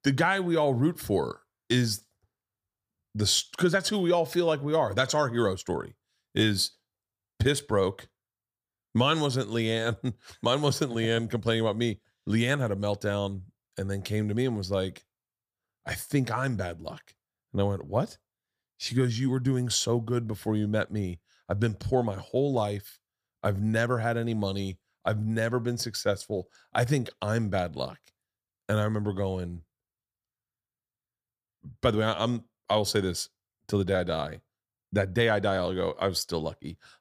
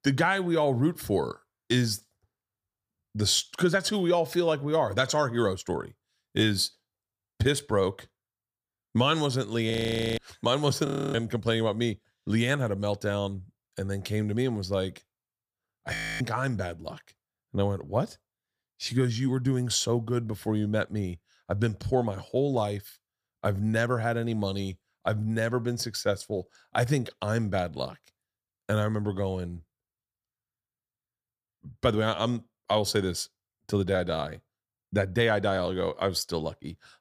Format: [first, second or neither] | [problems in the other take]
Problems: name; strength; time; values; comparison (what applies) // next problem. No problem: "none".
first | audio freezing; at 9.5 s, at 11 s and at 16 s